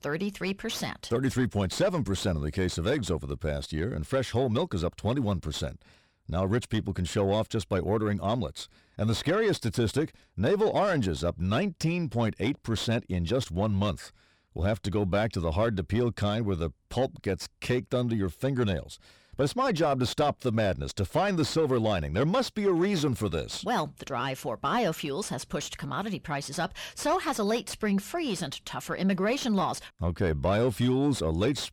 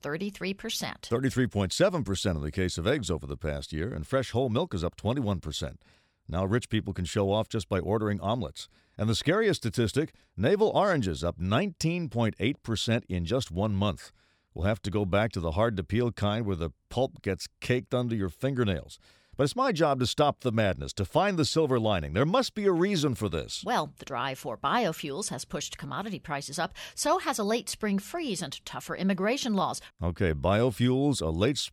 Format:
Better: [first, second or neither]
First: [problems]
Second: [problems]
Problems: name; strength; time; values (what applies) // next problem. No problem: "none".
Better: second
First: distortion; slight; 10 dB below the speech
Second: none